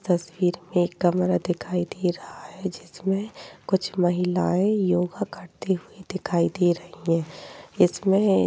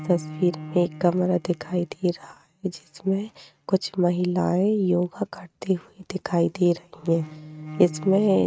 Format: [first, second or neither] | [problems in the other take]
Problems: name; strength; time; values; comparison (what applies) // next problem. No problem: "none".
first | noise reduction (neural mask model RNNoise)